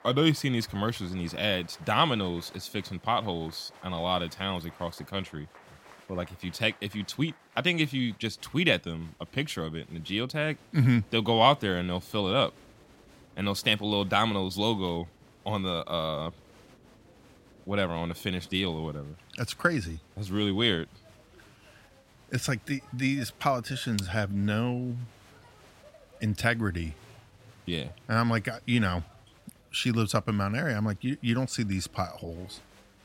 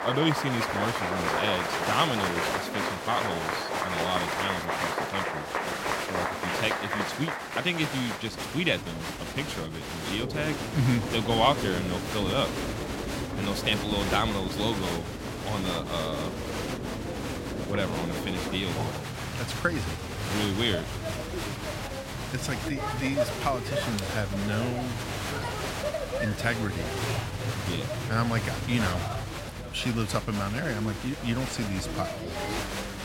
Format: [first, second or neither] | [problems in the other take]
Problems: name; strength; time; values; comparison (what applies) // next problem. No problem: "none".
first | crowd noise; loud; throughout; 1 dB below the speech; faint in the first